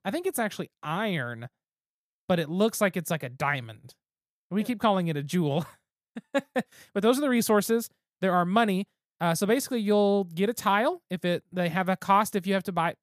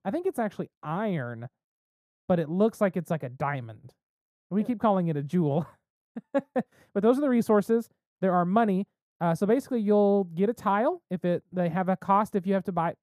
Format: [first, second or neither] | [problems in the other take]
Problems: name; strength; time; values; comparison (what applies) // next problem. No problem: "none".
first | muffled; slightly; fading above 1.5 kHz